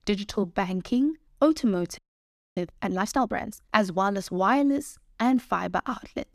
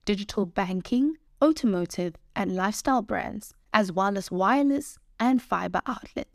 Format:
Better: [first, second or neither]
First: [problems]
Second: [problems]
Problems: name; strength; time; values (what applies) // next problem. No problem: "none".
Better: second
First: audio freezing; at 2 s for 0.5 s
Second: none